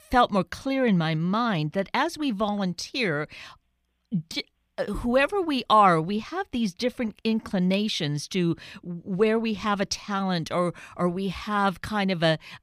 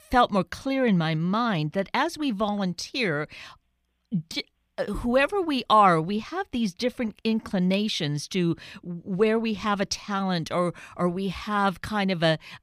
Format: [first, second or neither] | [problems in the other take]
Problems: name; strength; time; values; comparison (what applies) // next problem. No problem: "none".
neither | none